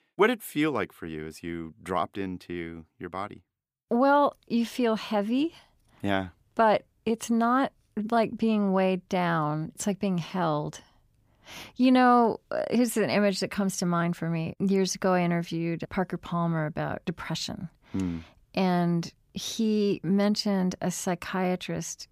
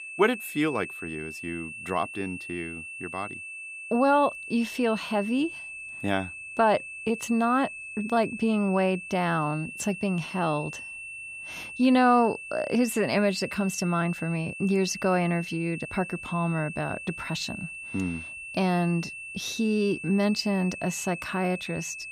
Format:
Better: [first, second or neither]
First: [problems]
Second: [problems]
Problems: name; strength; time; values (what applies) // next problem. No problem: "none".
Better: first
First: none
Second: high-pitched whine; loud; throughout; 2.5 kHz, 10 dB below the speech